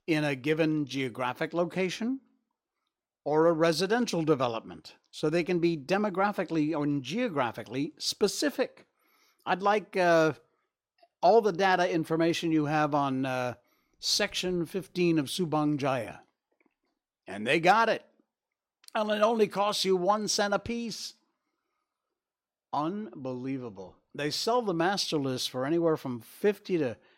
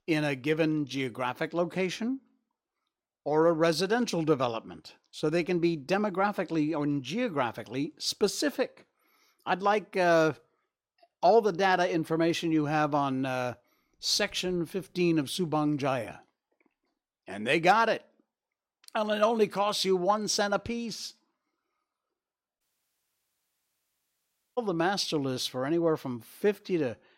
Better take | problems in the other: first | audio cutting out; at 23 s for 2 s

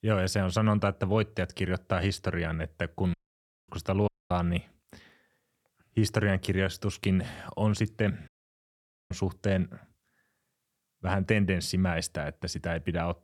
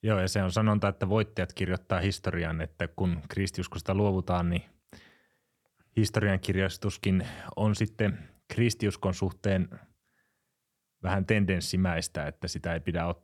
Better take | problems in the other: second | audio cutting out; at 3 s for 0.5 s, at 4 s and at 8.5 s for 1 s

